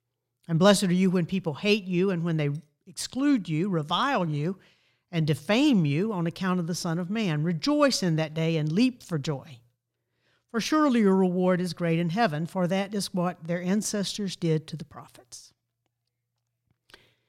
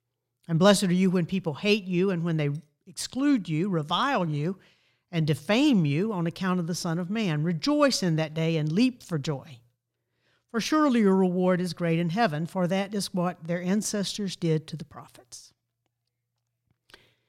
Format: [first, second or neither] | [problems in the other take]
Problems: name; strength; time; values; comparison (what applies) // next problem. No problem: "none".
neither | none